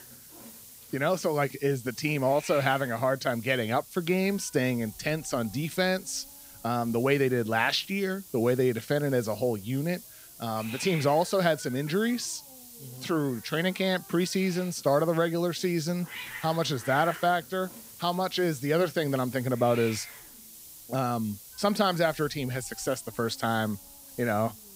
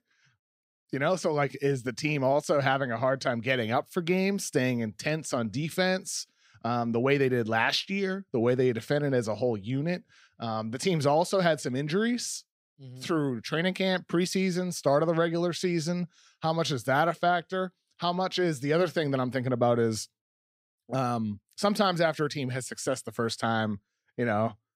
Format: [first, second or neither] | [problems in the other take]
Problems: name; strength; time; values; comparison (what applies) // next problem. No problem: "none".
second | hiss; noticeable; throughout; 15 dB below the speech